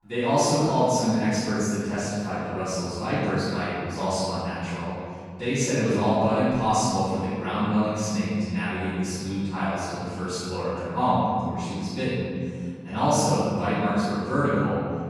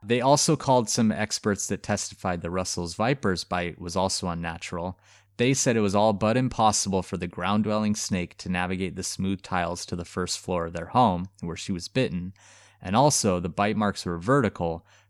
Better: second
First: room echo; strong; dies away in 2.1 s // off-mic speech; far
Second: none

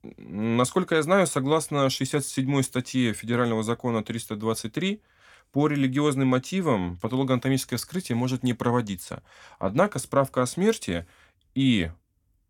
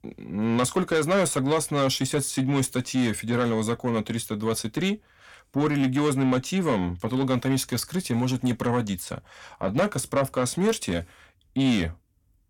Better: first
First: none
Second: distortion; slight; 10 dB below the speech

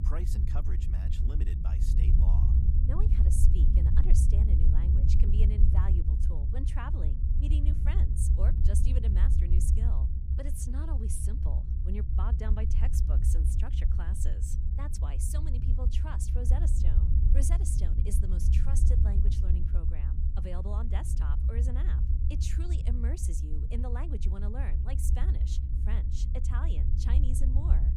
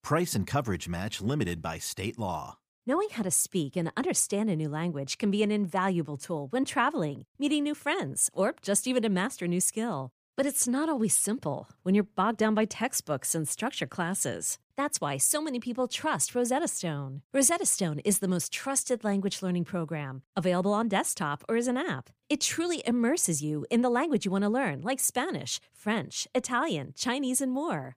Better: second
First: low rumble; loud; throughout; as loud as the speech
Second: none

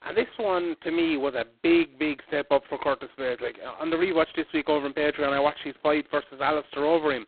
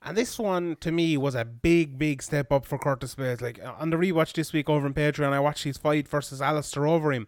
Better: second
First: phone-call audio; poor line; nothing above 4 kHz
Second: none

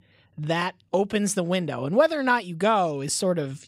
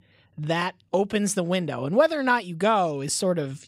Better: neither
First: none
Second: none

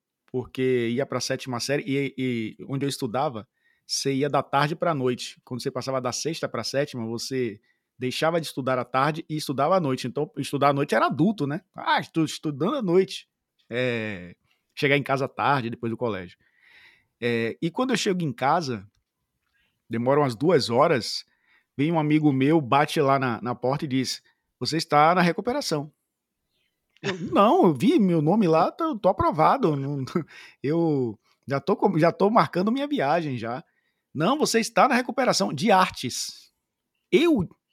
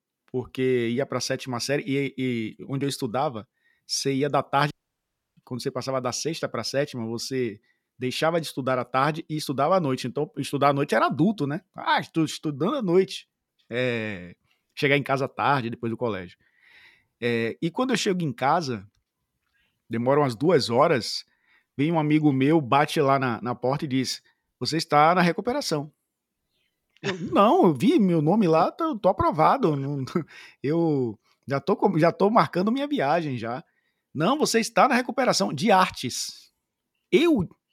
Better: first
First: none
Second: audio cutting out; at 4.5 s for 0.5 s

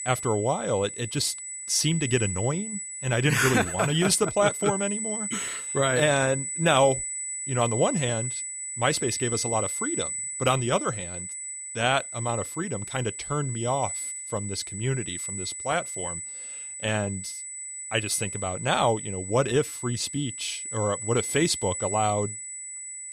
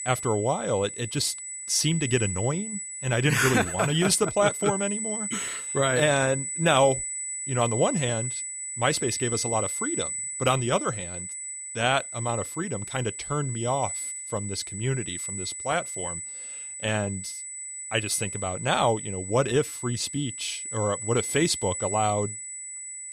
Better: neither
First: high-pitched whine; loud; throughout; 8 kHz, 5 dB below the speech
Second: high-pitched whine; loud; throughout; 8 kHz, 5 dB below the speech

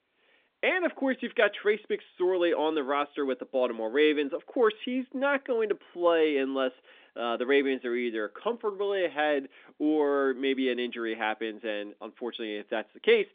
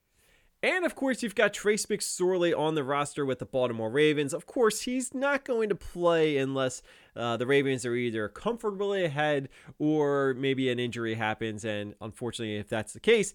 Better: second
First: phone-call audio; nothing above 3.5 kHz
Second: none

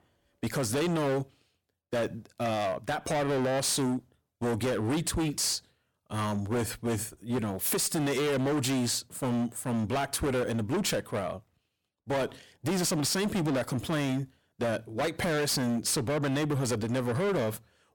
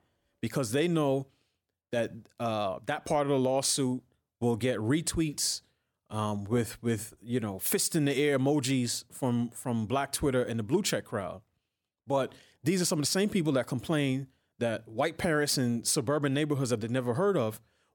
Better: second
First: distortion; heavy; 24% of the sound clipped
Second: none

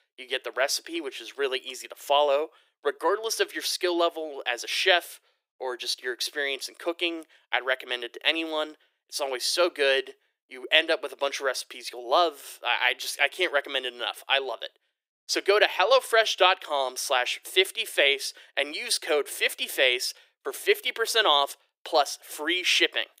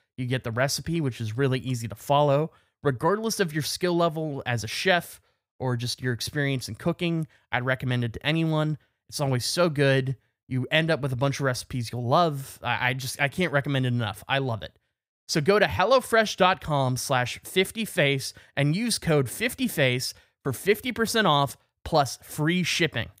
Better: second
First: thin; very; fading below 350 Hz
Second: none

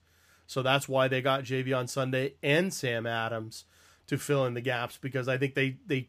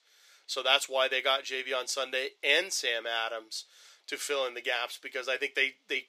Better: first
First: none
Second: thin; very; fading below 400 Hz

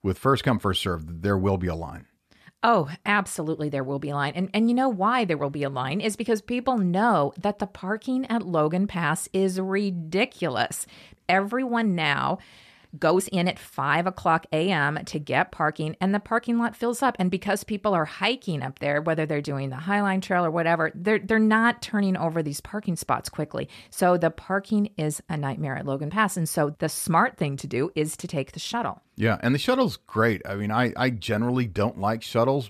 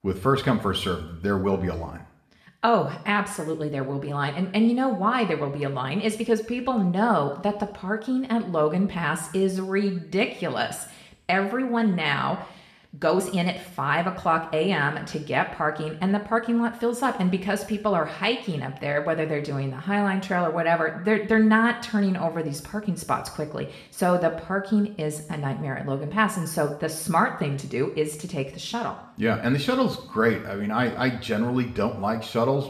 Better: first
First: none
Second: room echo; slight; dies away in 0.6 s

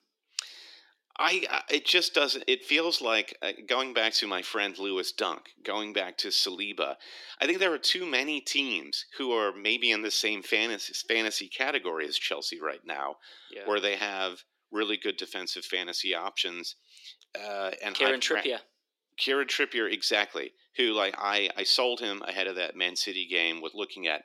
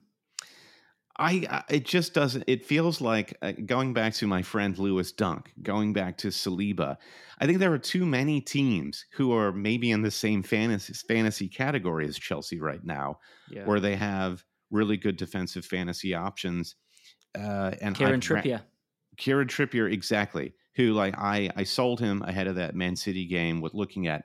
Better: second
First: thin; very; fading below 350 Hz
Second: none

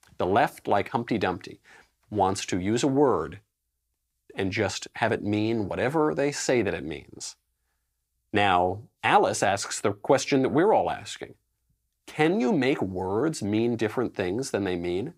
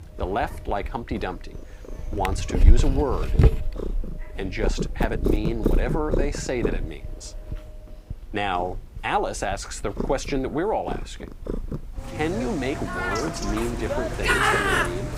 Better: first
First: none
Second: animal sounds; very loud; throughout; 2 dB above the speech

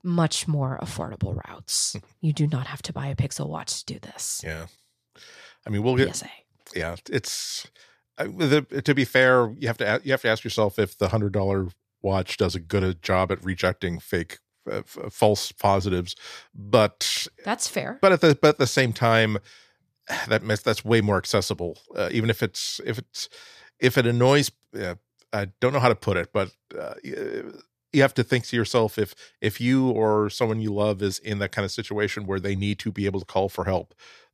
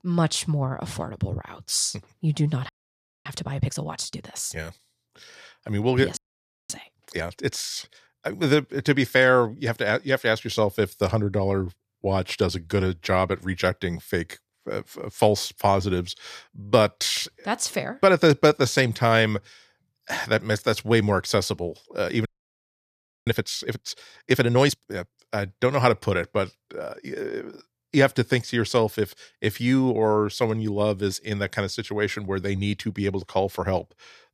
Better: first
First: none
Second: audio freezing; at 2.5 s for 0.5 s, at 6 s for 0.5 s and at 22 s for 1 s

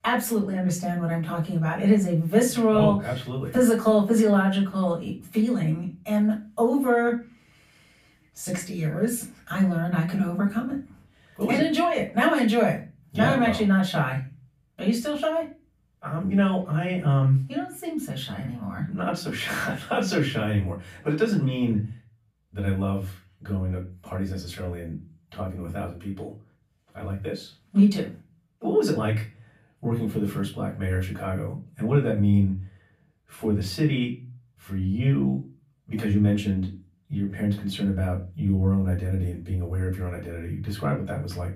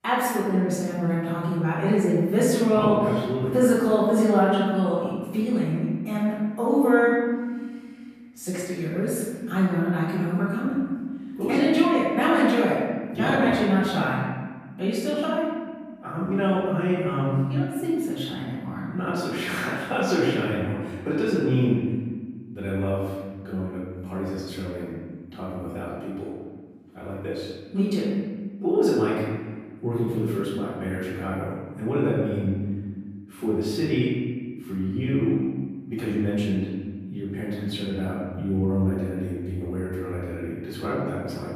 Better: first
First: room echo; slight; dies away in 0.3 s // off-mic speech; far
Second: room echo; strong; dies away in 1.4 s // off-mic speech; far

